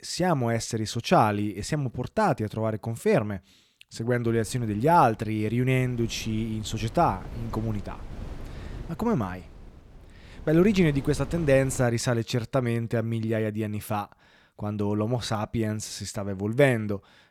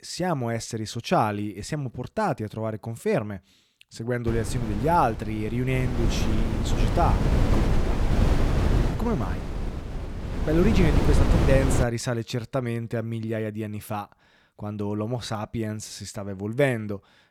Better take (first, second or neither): first